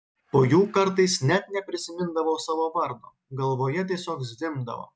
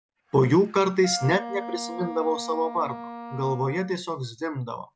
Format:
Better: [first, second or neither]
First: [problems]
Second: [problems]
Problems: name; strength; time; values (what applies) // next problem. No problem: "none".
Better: first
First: none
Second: background sound (Wind instrument, woodwind instrument); 13 dB below the speech